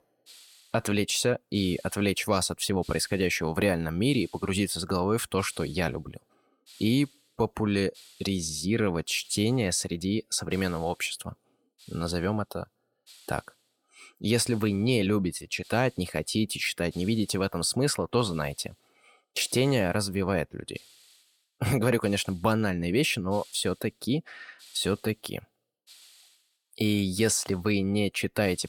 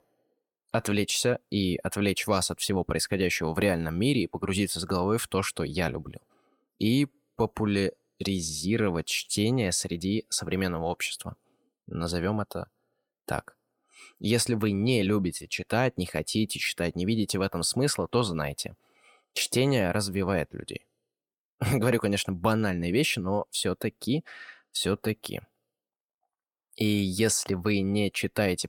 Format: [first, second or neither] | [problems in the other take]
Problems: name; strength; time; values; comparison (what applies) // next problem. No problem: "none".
second | hiss; faint; throughout; 25 dB below the speech